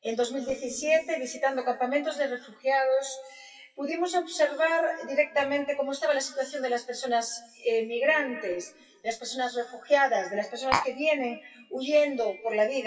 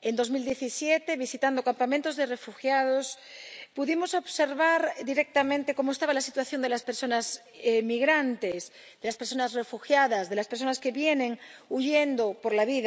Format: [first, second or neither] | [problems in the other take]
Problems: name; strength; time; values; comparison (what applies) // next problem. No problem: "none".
second | noise reduction (classical method WPE with log-MMSE)